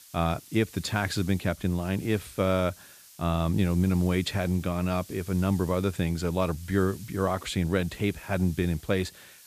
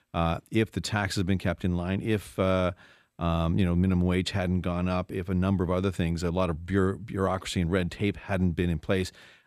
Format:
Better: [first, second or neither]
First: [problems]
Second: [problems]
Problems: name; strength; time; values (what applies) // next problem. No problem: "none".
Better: second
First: hiss; noticeable; throughout; 20 dB below the speech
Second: none